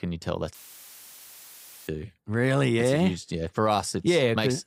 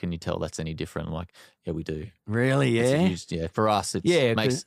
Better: second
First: audio cutting out; filled with static; at 0.5 s for 1.5 s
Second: none

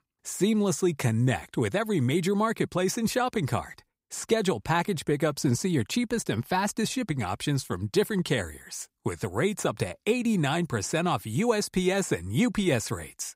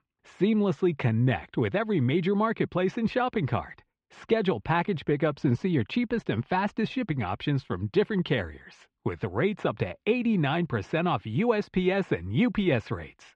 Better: first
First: none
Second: muffled; very; fading above 3 kHz

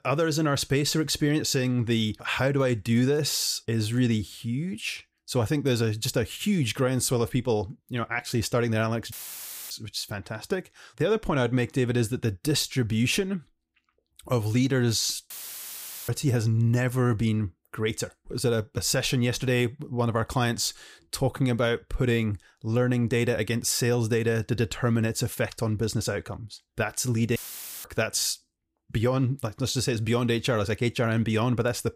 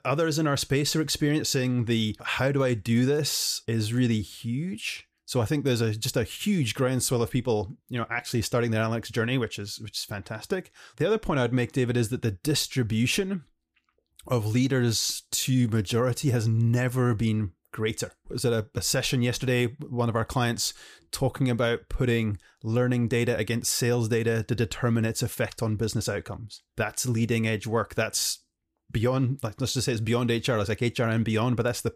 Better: second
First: audio cutting out; filled with static; at 9 s for 0.5 s, at 15 s for 1 s and at 27 s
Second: none

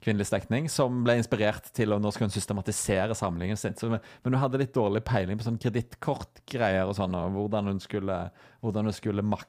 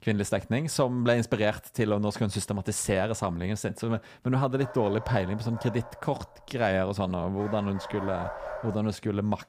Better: first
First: none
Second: dog barking; noticeable; from 4.5 to 9 s; peak 8 dB below the speech

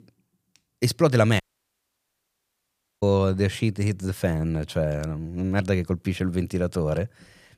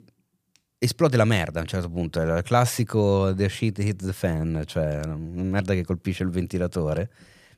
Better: second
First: audio cutting out; at 1.5 s for 1.5 s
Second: none

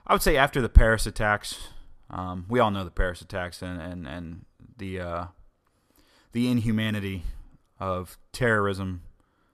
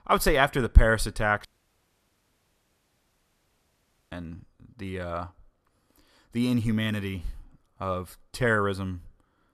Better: first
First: none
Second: audio cutting out; at 1.5 s for 2.5 s

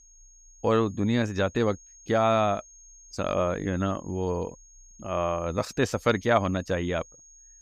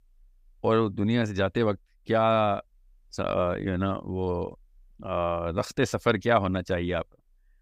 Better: second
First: high-pitched whine; faint; throughout; 6.5 kHz, 25 dB below the speech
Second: none

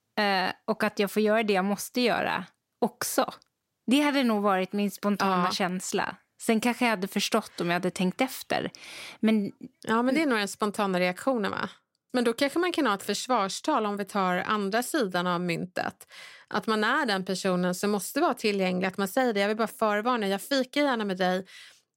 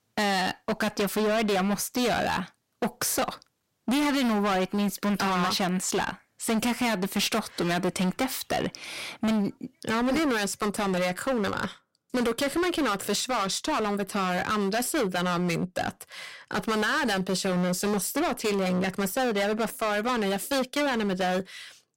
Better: first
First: none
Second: distortion; heavy; 21% of the sound clipped

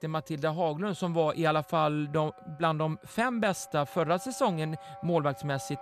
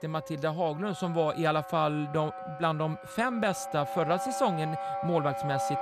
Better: first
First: background music; faint; throughout; 20 dB below the speech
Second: background music; loud; throughout; 8 dB below the speech

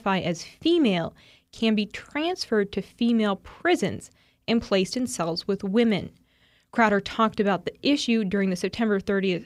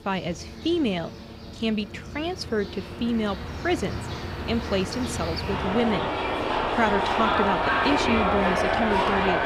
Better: first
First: none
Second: train or aircraft noise; very loud; throughout; 2 dB above the speech

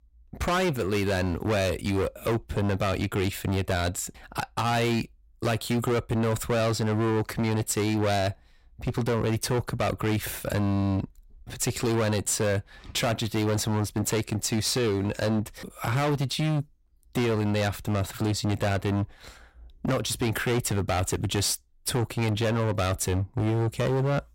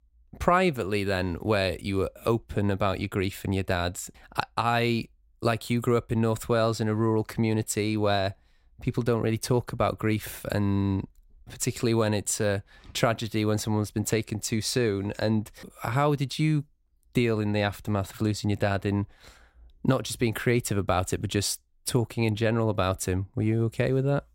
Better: second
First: distortion; heavy; 23% of the sound clipped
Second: none

